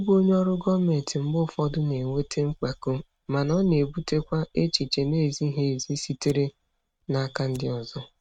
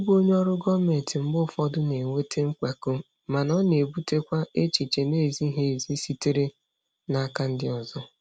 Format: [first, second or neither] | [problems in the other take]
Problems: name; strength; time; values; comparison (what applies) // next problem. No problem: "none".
second | noise reduction (neural mask model RNNoise)